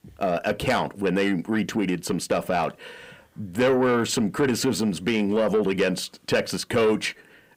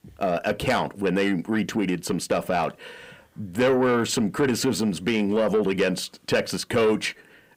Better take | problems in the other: neither | distortion; slight; 10 dB below the speech; the same in both

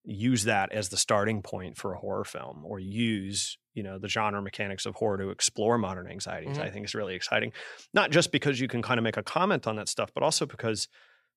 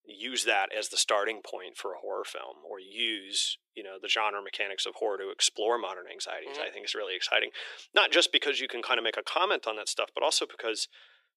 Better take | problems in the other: first | thin; very; fading below 350 Hz

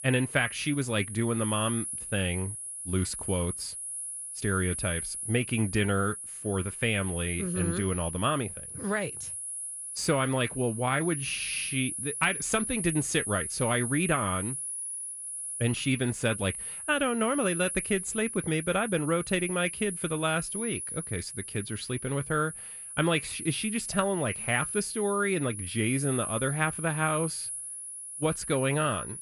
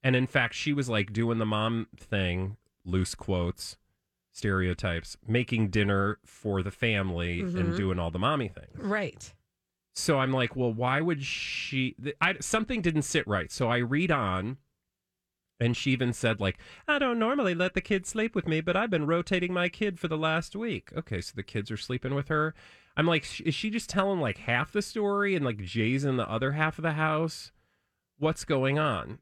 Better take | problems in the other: second | high-pitched whine; loud; throughout; 10.5 kHz, 5 dB below the speech

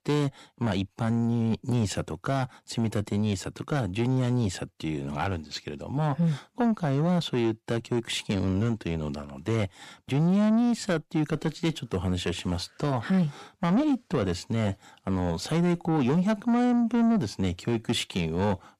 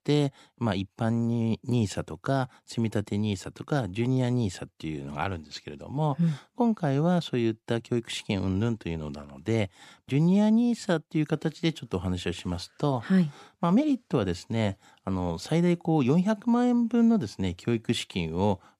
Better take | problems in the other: second | distortion; slight; 10 dB below the speech

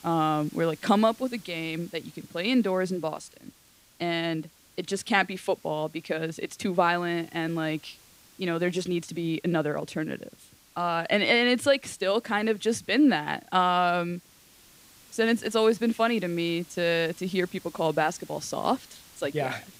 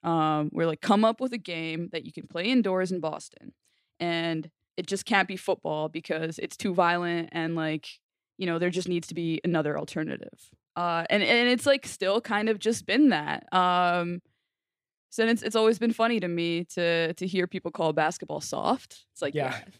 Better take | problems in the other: second | hiss; faint; throughout; 25 dB below the speech

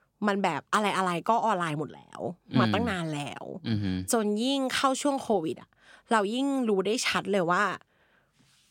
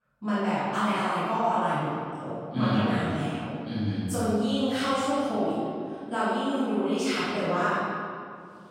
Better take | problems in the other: first | off-mic speech; far // room echo; strong; dies away in 2.2 s

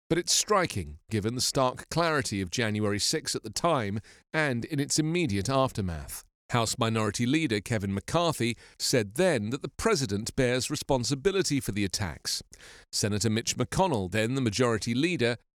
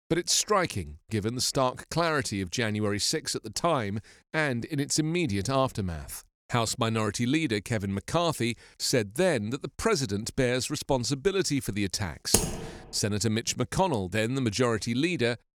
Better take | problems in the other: first | keyboard typing; loud; at 12 s; peak 2 dB above the speech

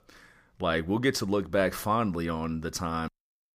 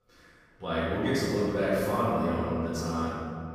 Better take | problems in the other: first | off-mic speech; far // room echo; strong; dies away in 2.4 s

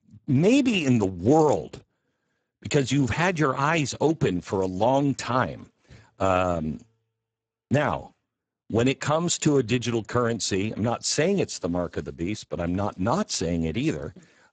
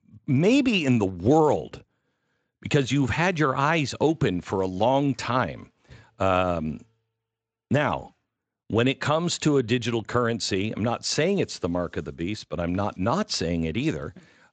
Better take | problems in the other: second | garbled, watery; badly; nothing above 7.5 kHz; slightly in the second

